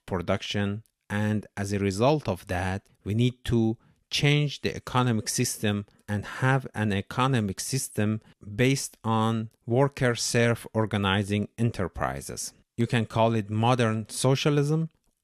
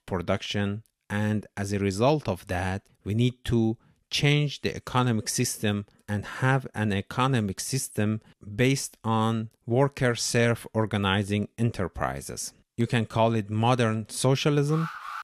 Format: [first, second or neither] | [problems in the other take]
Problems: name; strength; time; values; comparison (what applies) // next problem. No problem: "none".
first | alarm; noticeable; at 15 s; peak 9 dB below the speech